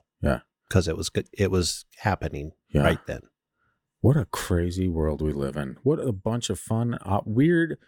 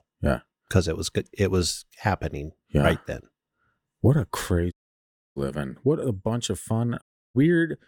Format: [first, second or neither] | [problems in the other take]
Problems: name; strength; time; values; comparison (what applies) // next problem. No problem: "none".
first | audio cutting out; at 4.5 s for 0.5 s and at 7 s